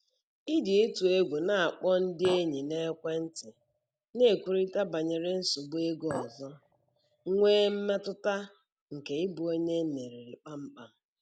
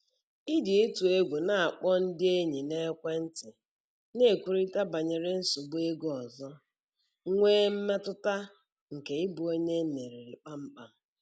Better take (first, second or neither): second